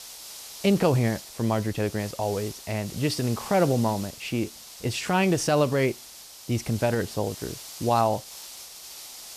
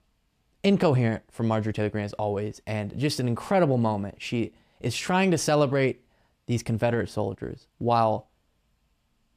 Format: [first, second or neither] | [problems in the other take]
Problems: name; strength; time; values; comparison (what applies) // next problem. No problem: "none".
second | hiss; noticeable; throughout; 15 dB below the speech